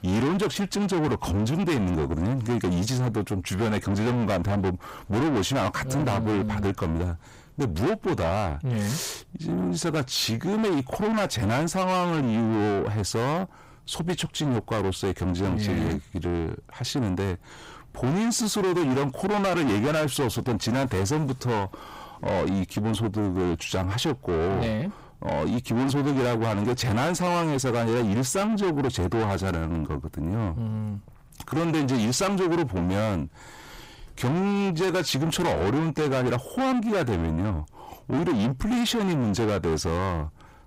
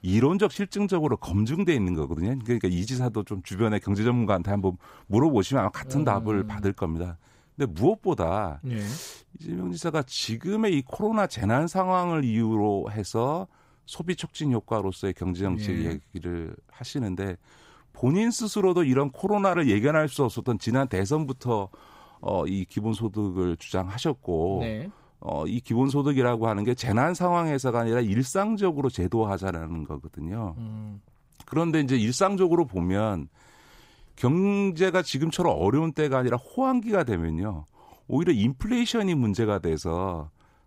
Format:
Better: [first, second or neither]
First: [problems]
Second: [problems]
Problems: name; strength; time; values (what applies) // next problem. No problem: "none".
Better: second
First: distortion; heavy; 6 dB below the speech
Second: none